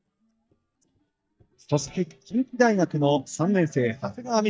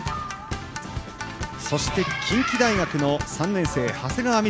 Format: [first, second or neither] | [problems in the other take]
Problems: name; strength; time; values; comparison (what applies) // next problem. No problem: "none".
second | noise reduction (neural mask model DeepFilterNet 3)